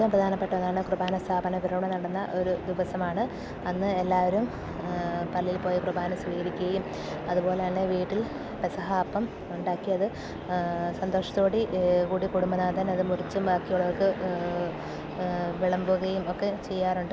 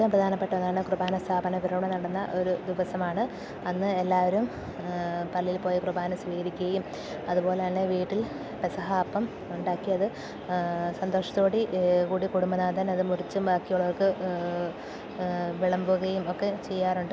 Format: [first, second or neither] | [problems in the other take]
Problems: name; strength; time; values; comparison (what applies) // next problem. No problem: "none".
second | background sound (Aircraft); 12 dB below the speech